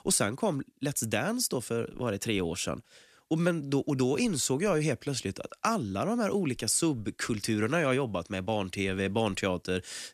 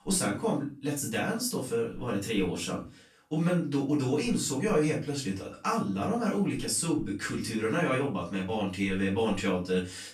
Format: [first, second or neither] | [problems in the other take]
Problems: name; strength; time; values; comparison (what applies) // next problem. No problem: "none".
first | off-mic speech; far // room echo; slight; dies away in 0.3 s